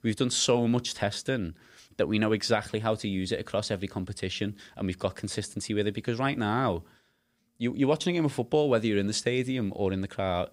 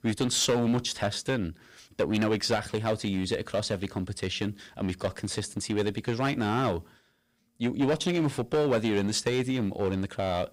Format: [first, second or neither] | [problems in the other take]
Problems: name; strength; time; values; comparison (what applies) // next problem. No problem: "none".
first | distortion; slight; 6% of the sound clipped